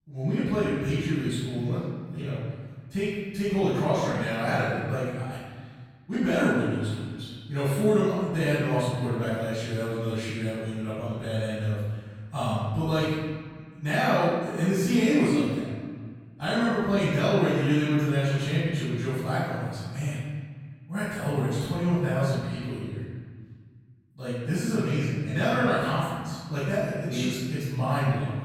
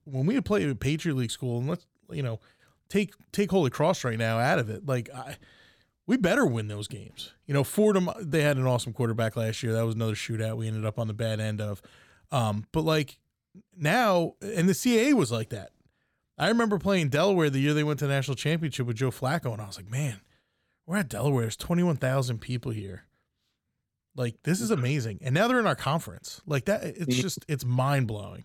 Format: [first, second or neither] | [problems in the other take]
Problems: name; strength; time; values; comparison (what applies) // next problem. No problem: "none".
second | off-mic speech; far // room echo; strong; dies away in 1.6 s